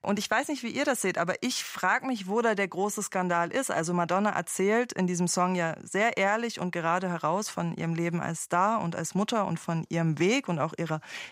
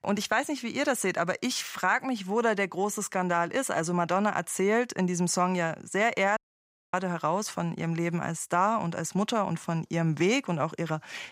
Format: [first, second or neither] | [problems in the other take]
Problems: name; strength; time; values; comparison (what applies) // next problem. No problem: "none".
first | audio cutting out; at 6.5 s for 0.5 s